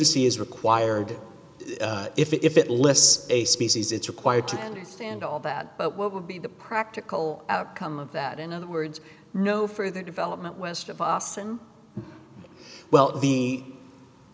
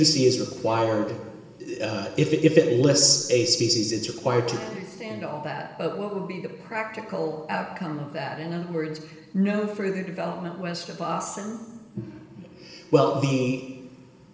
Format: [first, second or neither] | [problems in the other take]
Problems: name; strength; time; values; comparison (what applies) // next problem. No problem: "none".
first | room echo; dies away in 1.1 s